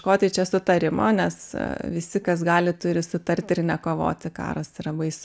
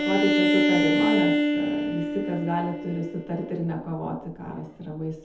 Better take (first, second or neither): first